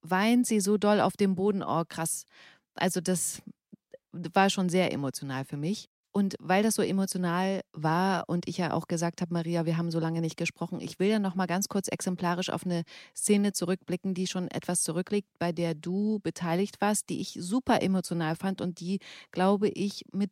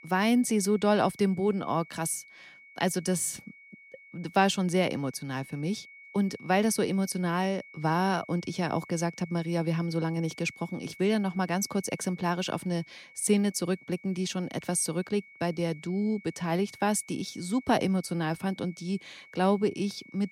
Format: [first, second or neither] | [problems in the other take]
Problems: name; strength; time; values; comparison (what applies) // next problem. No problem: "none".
first | high-pitched whine; faint; throughout; 2 kHz, 20 dB below the speech